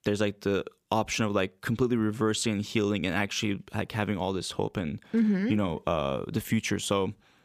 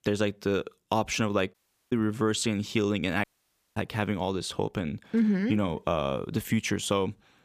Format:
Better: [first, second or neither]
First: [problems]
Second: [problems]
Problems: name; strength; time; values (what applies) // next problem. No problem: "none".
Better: first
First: none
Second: audio cutting out; at 1.5 s and at 3 s for 0.5 s